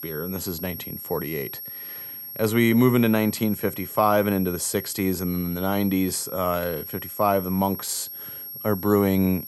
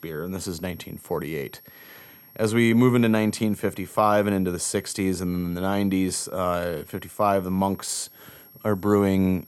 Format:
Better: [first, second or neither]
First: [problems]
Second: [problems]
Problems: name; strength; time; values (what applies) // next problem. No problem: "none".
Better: second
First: high-pitched whine; loud; throughout; 11.5 kHz, 10 dB below the speech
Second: high-pitched whine; faint; throughout; 11.5 kHz, 25 dB below the speech